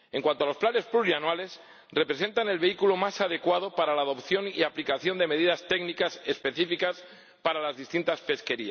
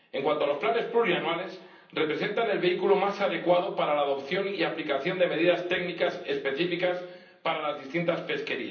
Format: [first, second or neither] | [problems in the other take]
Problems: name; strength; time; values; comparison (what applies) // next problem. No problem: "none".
first | room echo; dies away in 0.6 s